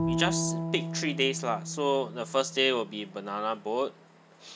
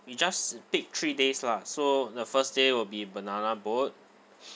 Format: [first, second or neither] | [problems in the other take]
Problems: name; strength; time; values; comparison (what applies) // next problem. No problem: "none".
second | background sound (Bowed string instrument); 5 dB below the speech